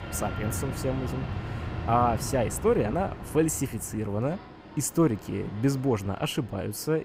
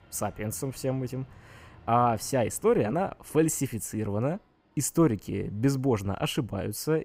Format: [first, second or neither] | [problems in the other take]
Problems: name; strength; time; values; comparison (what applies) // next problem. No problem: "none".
second | train or aircraft noise; loud; throughout; 9 dB below the speech; faint in the second